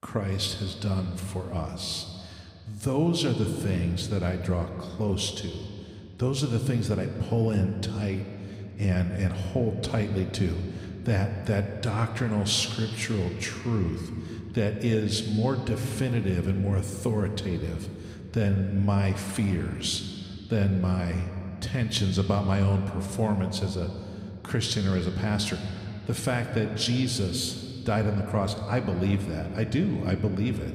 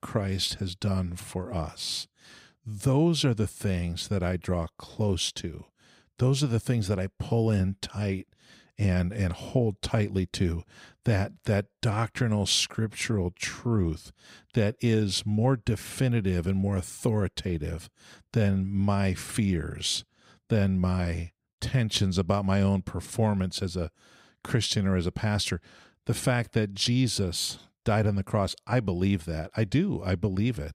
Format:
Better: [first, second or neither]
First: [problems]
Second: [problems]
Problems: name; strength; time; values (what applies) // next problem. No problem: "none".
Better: second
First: room echo; slight; dies away in 2.6 s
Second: none